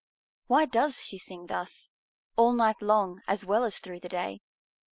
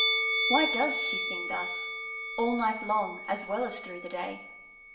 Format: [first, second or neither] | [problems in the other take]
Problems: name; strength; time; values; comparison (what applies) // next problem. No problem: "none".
first | background sound (Musical instrument); as loud as the speech // room echo; dies away in 0.8 s